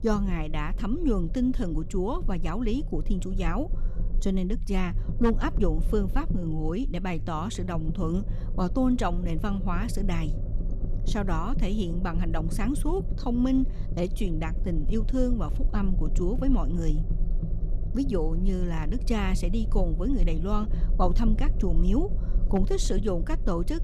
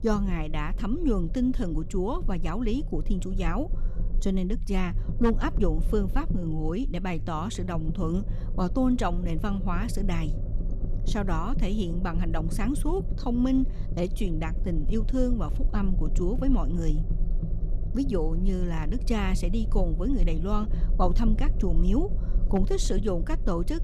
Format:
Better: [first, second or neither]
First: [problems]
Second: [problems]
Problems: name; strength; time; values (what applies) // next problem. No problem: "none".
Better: neither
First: low rumble; noticeable; throughout; 15 dB below the speech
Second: low rumble; noticeable; throughout; 15 dB below the speech